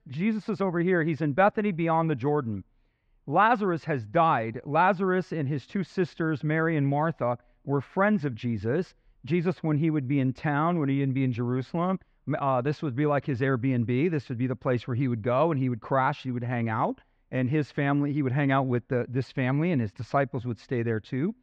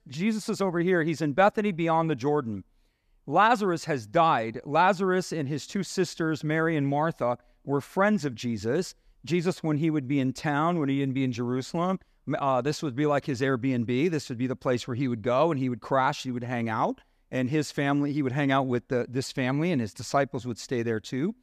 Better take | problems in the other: second | muffled; slightly; fading above 2.5 kHz

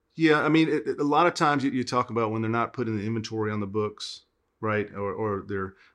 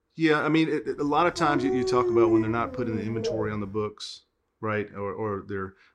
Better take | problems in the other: first | dog barking; loud; from 1.5 to 3.5 s; peak 5 dB above the speech

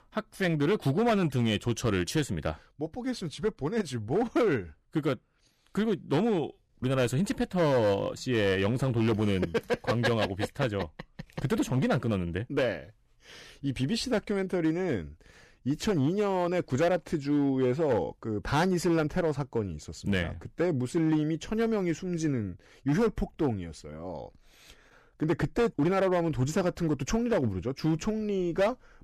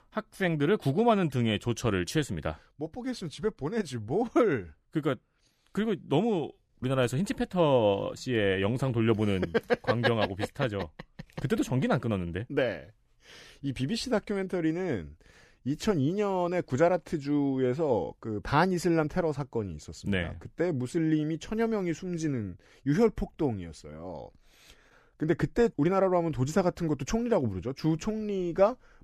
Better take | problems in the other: second | distortion; slight; 6% of the sound clipped

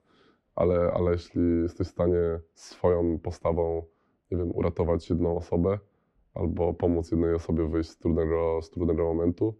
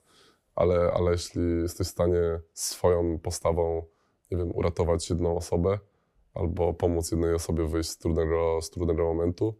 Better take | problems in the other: second | muffled; slightly; fading above 3 kHz

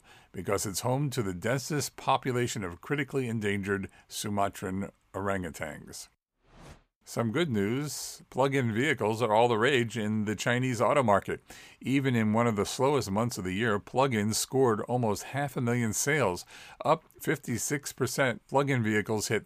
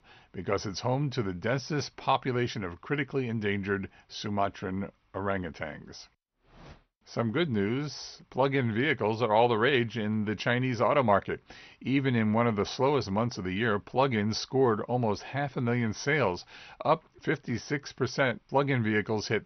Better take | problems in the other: first | garbled, watery; slightly; nothing above 6 kHz

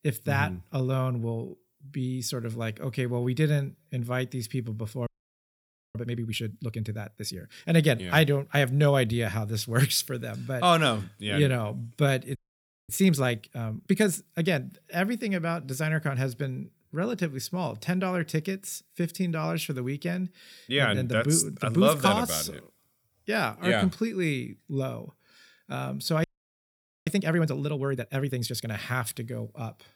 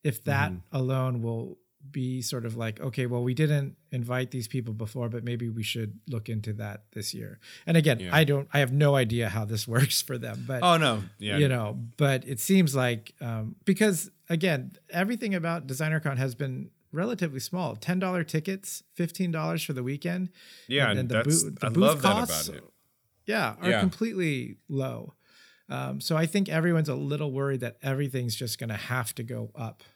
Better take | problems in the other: second | audio freezing; at 5 s for 1 s, at 12 s for 0.5 s and at 26 s for 1 s

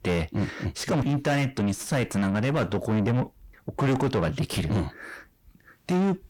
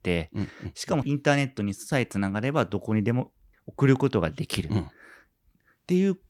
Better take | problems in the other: second | distortion; heavy; 6 dB below the speech

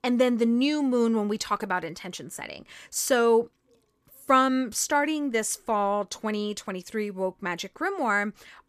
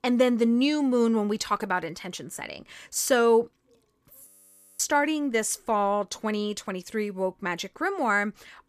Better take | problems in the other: first | audio freezing; at 4.5 s for 0.5 s

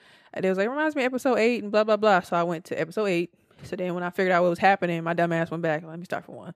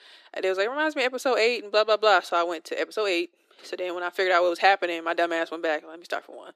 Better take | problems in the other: first | thin; very; fading below 300 Hz

